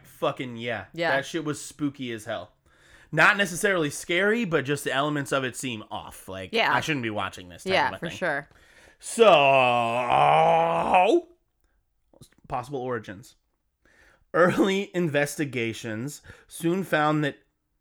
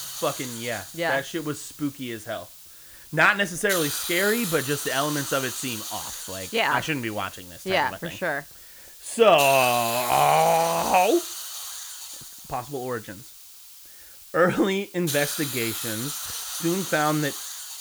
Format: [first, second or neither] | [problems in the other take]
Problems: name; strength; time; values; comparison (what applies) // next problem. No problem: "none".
first | hiss; loud; throughout; 7 dB below the speech